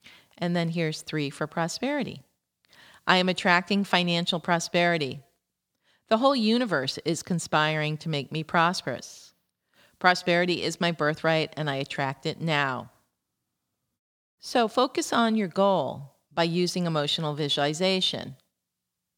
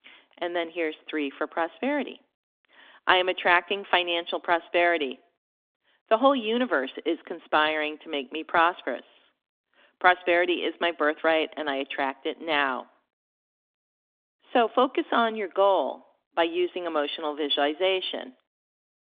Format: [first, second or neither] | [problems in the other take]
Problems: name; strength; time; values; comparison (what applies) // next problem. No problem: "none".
first | phone-call audio; nothing above 3.5 kHz